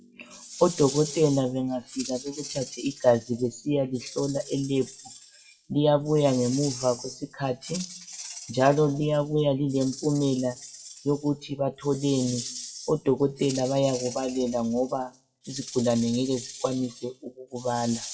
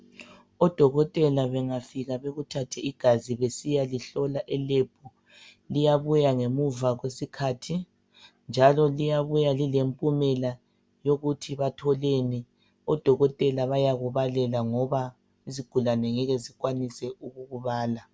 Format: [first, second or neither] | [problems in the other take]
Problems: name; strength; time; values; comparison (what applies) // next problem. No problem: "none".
second | noise reduction (classical method WPE with log-MMSE)